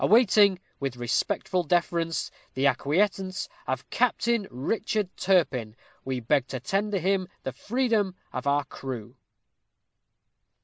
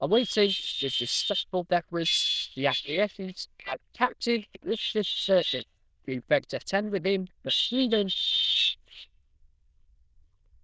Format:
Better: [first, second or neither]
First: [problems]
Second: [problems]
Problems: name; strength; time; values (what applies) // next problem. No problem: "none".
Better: first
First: none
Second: noise reduction (neural diffusion model UNIVERSE++)